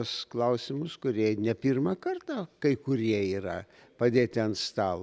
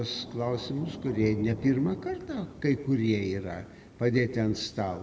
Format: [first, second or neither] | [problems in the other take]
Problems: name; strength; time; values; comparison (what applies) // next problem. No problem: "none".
first | background sound (Thunder / Rain); 14 dB below the speech // room echo; dies away in 1 s